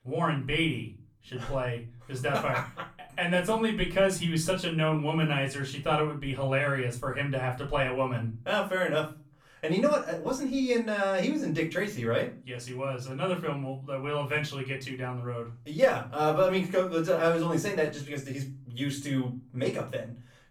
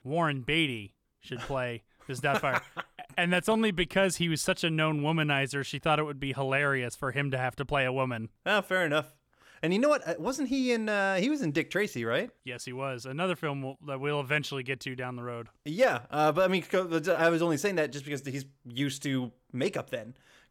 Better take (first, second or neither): second